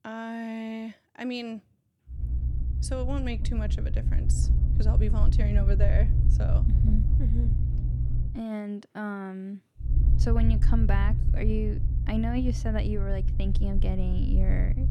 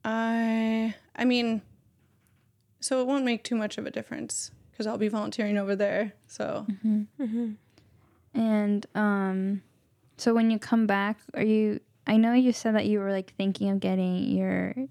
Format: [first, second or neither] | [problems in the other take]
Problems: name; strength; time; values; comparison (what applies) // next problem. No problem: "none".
second | low rumble; loud; from 2 to 8.5 s and from 10 s on; 6 dB below the speech